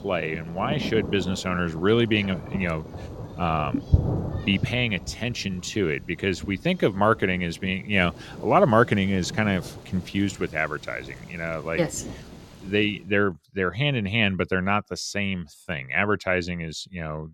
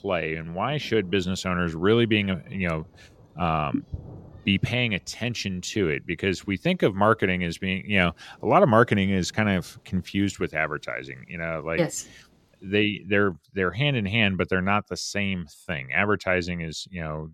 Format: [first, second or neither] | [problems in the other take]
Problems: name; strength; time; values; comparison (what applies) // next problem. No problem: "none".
second | rain or running water; loud; until 13 s; 10 dB below the speech; faint in the second